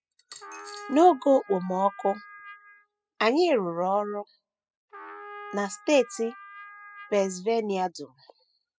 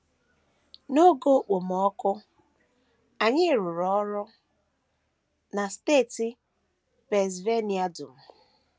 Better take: second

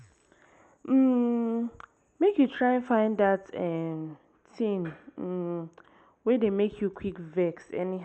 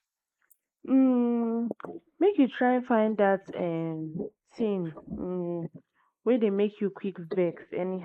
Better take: first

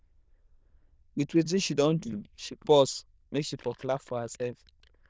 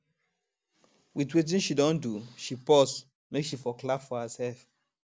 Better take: second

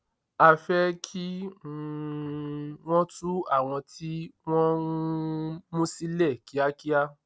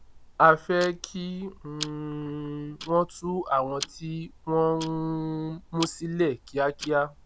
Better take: first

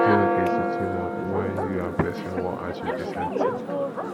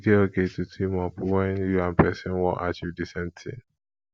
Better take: second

